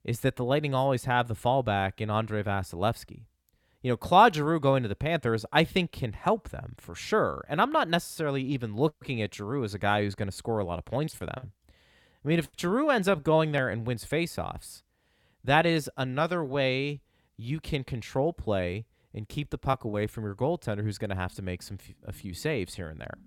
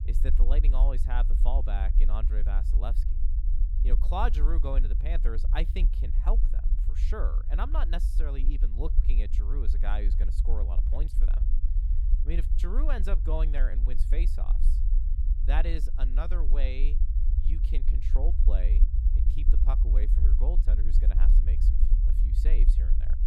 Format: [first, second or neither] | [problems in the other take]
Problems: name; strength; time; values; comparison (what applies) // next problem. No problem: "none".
first | low rumble; loud; throughout; 10 dB below the speech